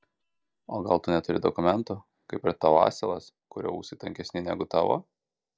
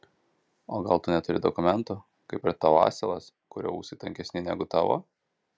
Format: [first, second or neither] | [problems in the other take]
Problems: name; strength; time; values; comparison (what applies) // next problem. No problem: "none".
second | noise reduction (neural mask model DeepFilterNet 3)